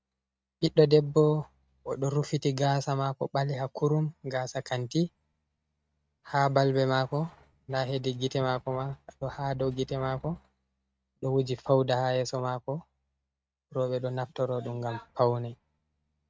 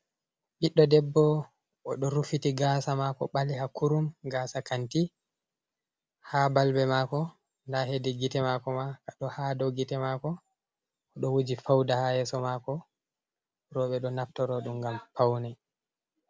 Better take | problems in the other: second | noise reduction (neural mask model RNNoise)

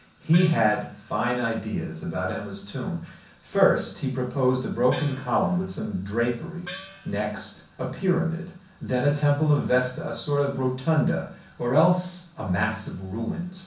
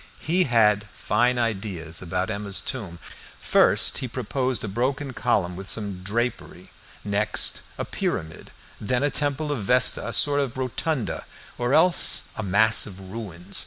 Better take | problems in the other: second | background sound (Gong); 19 dB below the speech // room echo; dies away in 0.6 s

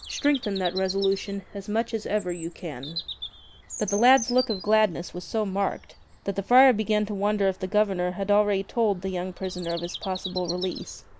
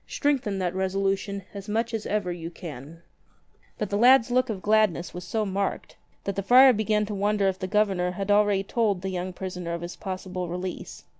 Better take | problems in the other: second | background sound (Bird vocalization, bird call, bird song); 14 dB below the speech

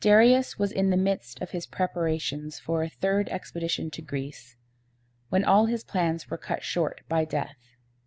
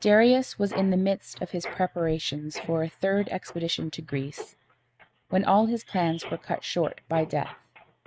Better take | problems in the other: first | noise reduction (neural mask model RNNoise)

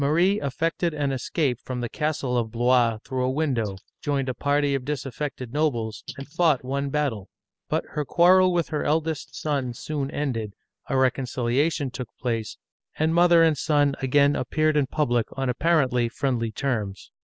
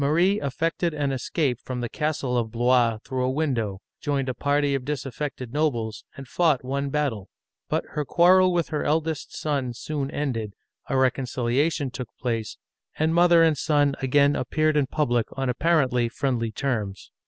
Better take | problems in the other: second | noise reduction (neural mask model Resemble Enhance denoiser)

